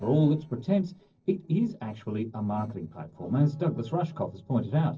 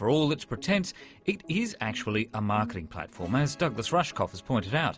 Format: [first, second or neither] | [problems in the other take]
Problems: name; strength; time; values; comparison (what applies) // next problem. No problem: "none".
second | noise reduction (neural separator model SepFormer DNS4)